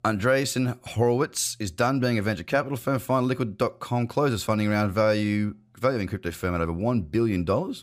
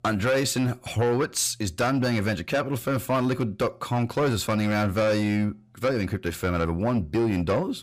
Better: first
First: none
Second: distortion; slight; 10 dB below the speech

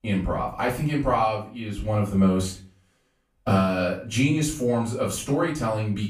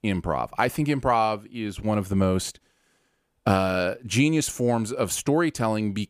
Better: second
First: off-mic speech; far // room echo; slight; dies away in 0.3 s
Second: none

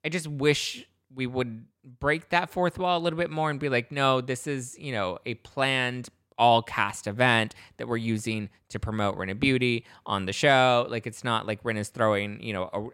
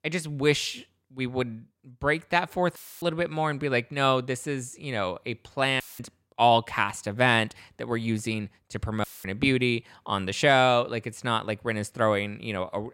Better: first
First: none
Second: audio cutting out; filled with static; at 3 s, at 6 s and at 9 s

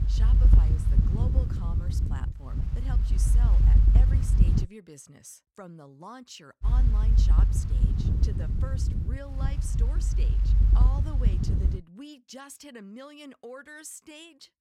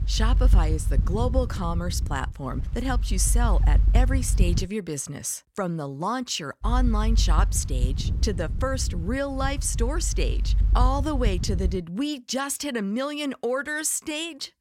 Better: second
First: wind noise on the microphone; heavy; until 4.5 s and from 6.5 to 12 s; 2 dB above the speech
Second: wind noise on the microphone; occasional gusts; until 4.5 s and from 6.5 to 12 s; 15 dB below the speech

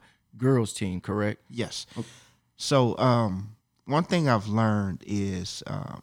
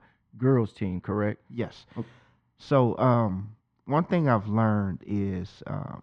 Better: first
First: none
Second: muffled; very; fading above 2 kHz

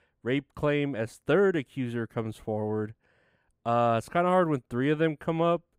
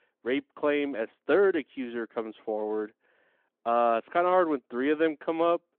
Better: first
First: none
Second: phone-call audio

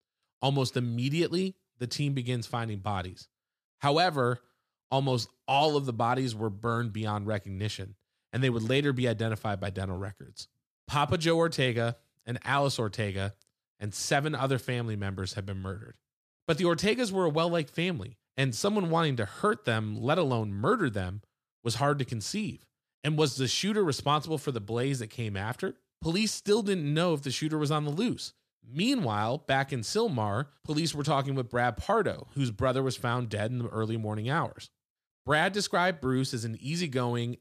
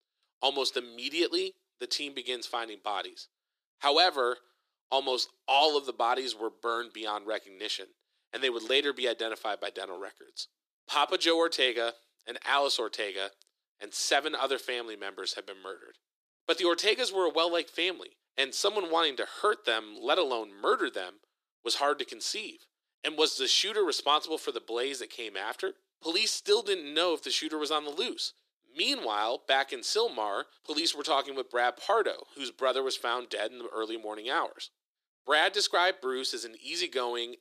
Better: first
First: none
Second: thin; very; fading below 350 Hz

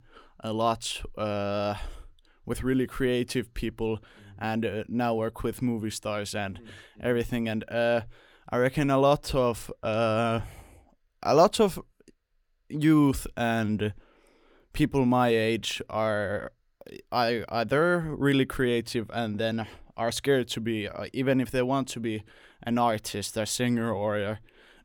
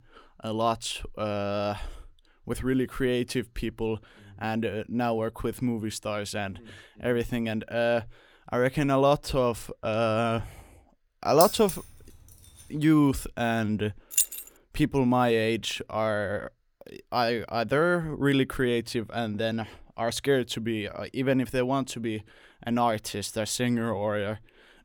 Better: first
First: none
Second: jangling keys; noticeable; at 11 s; peak 2 dB below the speech // jangling keys; loud; at 14 s; peak 3 dB above the speech

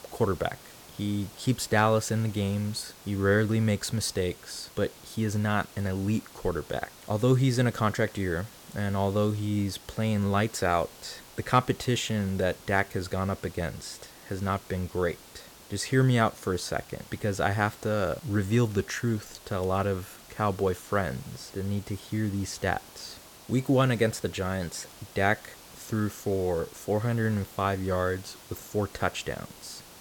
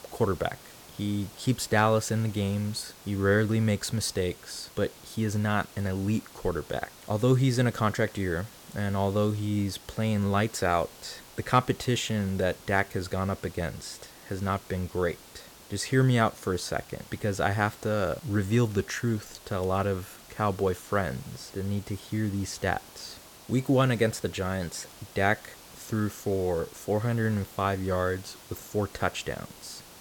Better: neither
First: hiss; noticeable; throughout; 20 dB below the speech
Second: hiss; noticeable; throughout; 20 dB below the speech

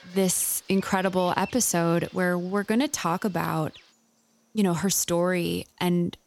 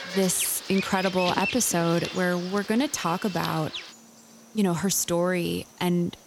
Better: first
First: animal sounds; faint; throughout; 25 dB below the speech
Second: animal sounds; loud; throughout; 8 dB below the speech

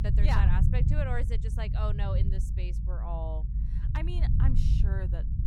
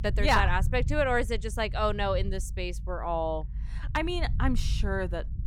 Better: second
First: low rumble; loud; throughout; 5 dB below the speech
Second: low rumble; faint; throughout; 20 dB below the speech

